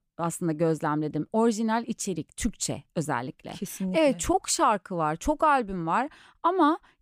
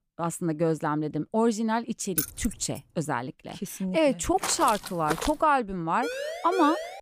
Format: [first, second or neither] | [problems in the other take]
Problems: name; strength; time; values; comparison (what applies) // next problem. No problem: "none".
first | jangling keys; noticeable; at 2 s; peak 2 dB below the speech // footsteps; noticeable; at 4.5 s; peak 5 dB below the speech // siren; noticeable; at 6 s; peak 6 dB below the speech